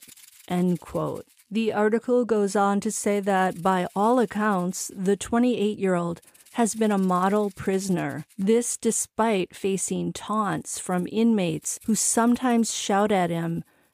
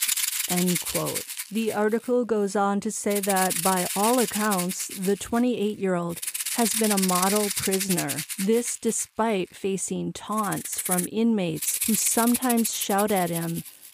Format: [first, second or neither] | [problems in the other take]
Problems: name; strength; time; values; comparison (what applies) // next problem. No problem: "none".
first | background music; loud; throughout; 1 dB below the speech; faint in the first